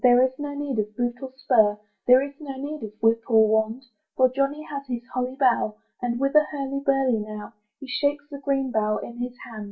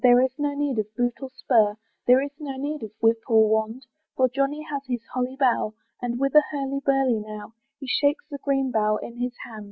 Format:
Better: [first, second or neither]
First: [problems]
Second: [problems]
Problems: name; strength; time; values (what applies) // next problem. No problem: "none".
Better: second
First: room echo; dies away in 0.2 s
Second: none